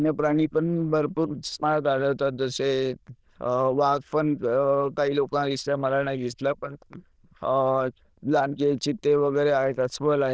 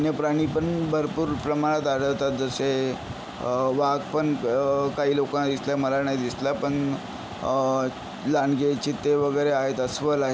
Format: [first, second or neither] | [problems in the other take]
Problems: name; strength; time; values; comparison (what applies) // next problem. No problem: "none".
second | noise reduction (neural diffusion model UNIVERSE++)